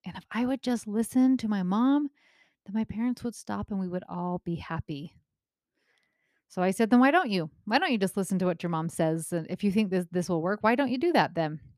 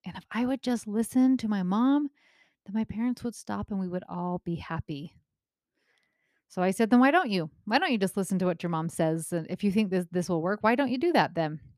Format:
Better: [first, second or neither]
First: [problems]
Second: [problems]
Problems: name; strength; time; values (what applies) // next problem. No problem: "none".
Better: neither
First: none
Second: none